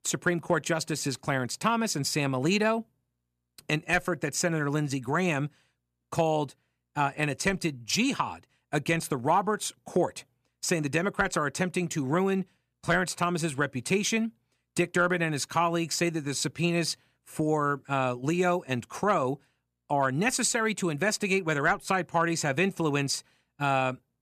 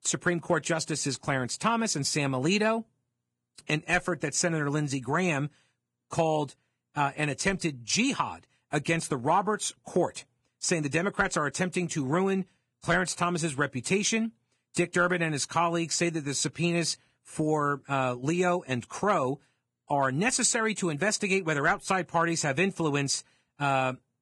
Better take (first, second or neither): first